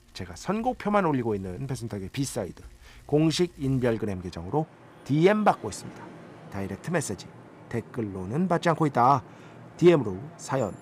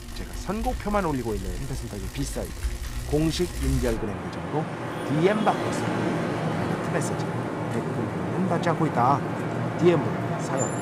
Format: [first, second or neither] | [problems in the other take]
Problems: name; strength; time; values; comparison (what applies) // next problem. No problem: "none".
first | traffic noise; loud; throughout; 2 dB below the speech; faint in the first